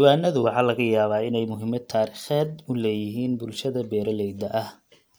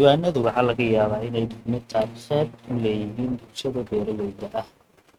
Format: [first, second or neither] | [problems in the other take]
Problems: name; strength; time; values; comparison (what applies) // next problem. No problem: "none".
first | noise reduction (neural mask model RNNoise)